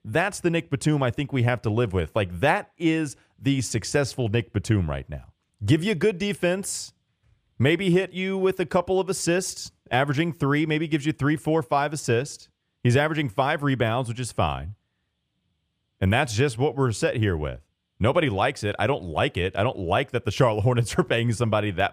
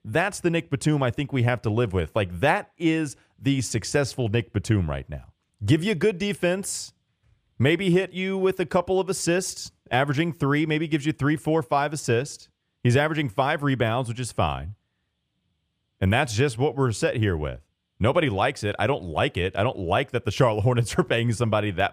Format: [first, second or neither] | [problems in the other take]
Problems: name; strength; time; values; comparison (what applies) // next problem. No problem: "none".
neither | none